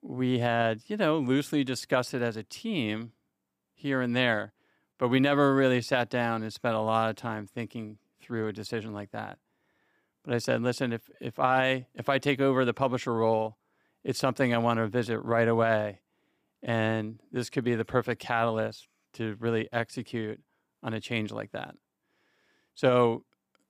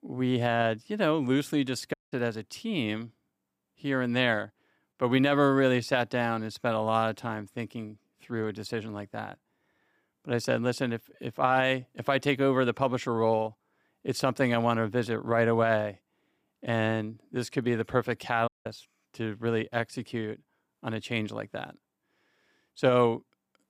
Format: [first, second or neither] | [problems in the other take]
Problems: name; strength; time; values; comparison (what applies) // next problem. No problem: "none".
first | audio cutting out; at 2 s and at 18 s